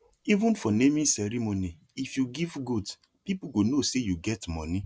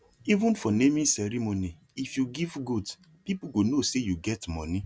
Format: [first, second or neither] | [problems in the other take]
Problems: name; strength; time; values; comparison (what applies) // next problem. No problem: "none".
second | noise reduction (neural mask model Resemble Enhance denoiser)